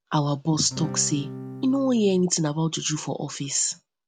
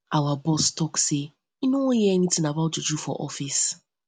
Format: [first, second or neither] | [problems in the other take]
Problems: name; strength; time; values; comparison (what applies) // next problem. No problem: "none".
second | background sound (Acoustic guitar / Strum); 10 dB below the speech